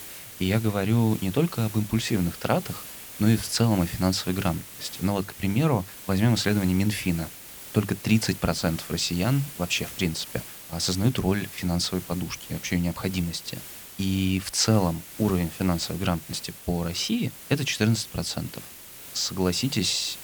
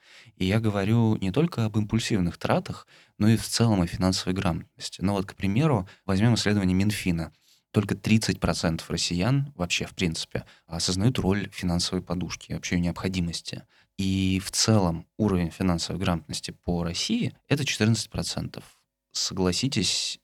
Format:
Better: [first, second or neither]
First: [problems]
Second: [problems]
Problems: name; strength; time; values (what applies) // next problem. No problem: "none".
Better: second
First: hiss; noticeable; throughout; 15 dB below the speech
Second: none